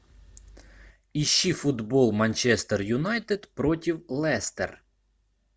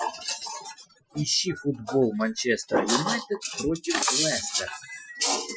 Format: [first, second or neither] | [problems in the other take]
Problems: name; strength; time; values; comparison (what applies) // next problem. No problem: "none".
first | noise reduction (classical method Wiener filter)